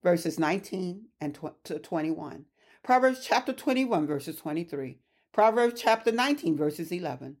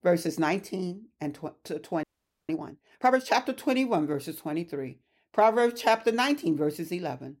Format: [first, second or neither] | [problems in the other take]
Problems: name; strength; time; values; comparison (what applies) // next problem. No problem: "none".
first | audio freezing; at 2 s